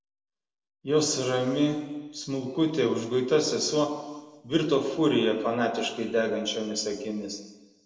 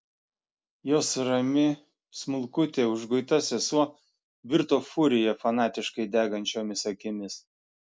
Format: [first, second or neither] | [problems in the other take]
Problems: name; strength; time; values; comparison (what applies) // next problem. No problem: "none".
second | room echo; dies away in 1.1 s